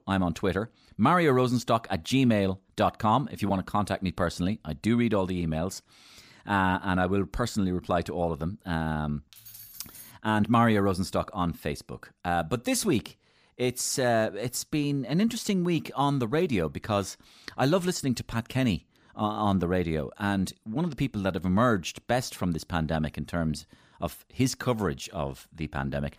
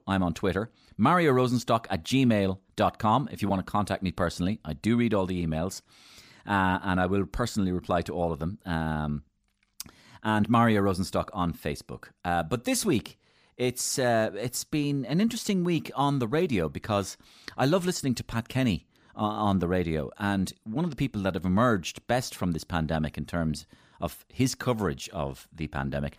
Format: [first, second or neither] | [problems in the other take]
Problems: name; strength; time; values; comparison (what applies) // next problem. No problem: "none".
second | jangling keys; faint; at 9.5 s; peak 15 dB below the speech